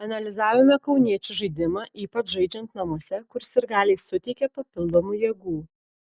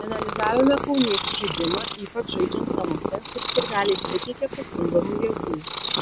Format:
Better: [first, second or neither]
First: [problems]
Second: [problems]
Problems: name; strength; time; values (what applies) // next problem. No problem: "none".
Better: first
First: none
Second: background sound (Purr); 3 dB below the speech